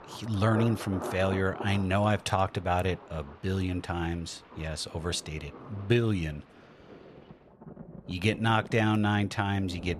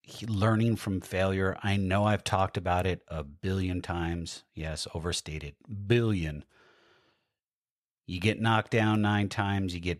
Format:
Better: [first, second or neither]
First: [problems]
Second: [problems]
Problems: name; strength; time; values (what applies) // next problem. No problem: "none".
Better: second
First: rain or running water; noticeable; throughout; 15 dB below the speech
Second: none